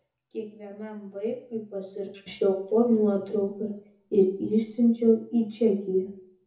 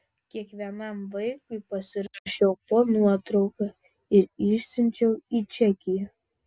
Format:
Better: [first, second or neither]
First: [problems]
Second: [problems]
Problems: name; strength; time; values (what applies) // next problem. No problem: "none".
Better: second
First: room echo; dies away in 0.6 s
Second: none